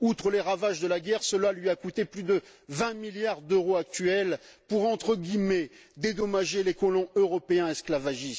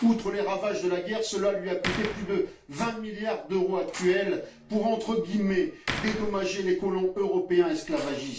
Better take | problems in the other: first | background sound (Slam); 14 dB below the speech // room echo; dies away in 0.3 s

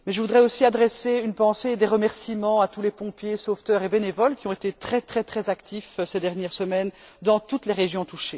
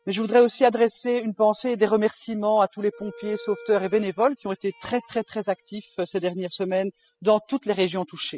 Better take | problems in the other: first | noise reduction (classical method spectral subtraction)

